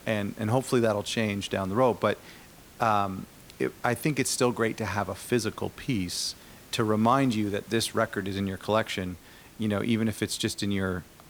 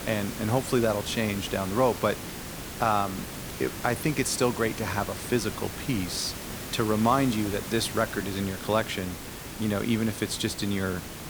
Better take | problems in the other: first | hiss; loud; throughout; 8 dB below the speech; faint in the first

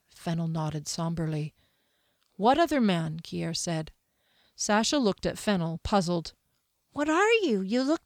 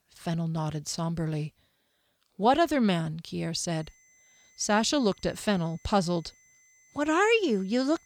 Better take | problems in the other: first | high-pitched whine; faint; from 4 s on; 2 kHz, 30 dB below the speech

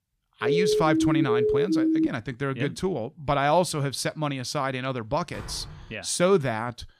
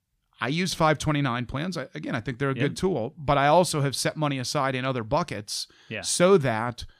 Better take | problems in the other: second | siren; loud; until 2 s; peak 4 dB above the speech // door banging; faint; at 5.5 s; peak 15 dB below the speech

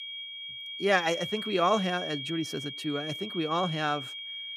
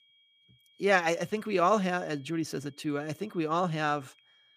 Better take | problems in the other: second | high-pitched whine; loud; throughout; 3.5 kHz, 6 dB below the speech; faint in the second

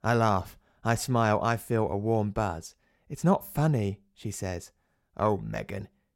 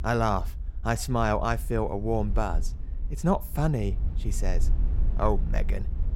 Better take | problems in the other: first | low rumble; faint; throughout; 20 dB below the speech

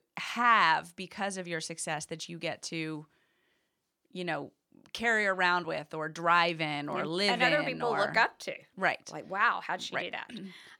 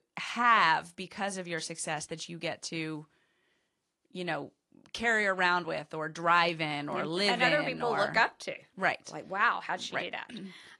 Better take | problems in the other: first | garbled, watery; slightly

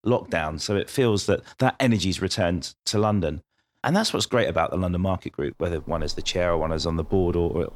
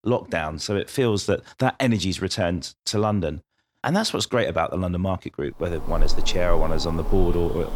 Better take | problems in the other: first | animal sounds; loud; from 5.5 s on; 8 dB below the speech; faint in the first

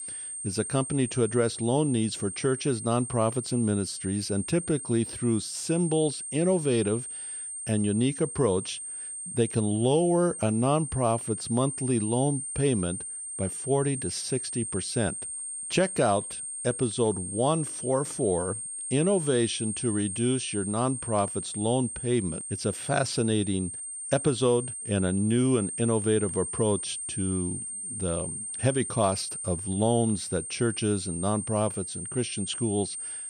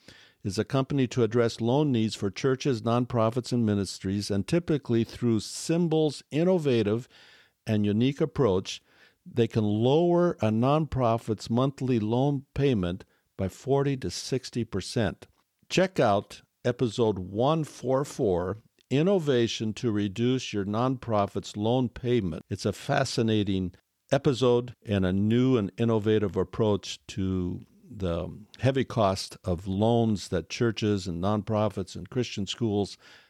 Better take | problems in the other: second | high-pitched whine; loud; throughout; 8.5 kHz, 6 dB below the speech

